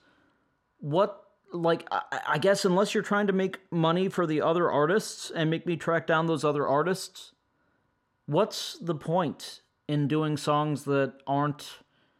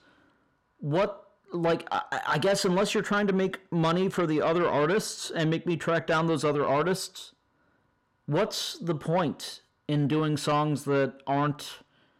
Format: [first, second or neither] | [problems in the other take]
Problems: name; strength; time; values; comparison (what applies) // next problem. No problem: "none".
first | distortion; slight; 10 dB below the speech